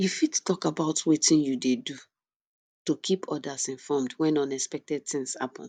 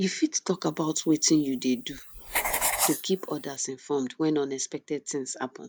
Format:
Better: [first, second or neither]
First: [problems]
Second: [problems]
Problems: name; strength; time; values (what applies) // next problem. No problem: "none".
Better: first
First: none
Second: background sound (Writing); 5 dB below the speech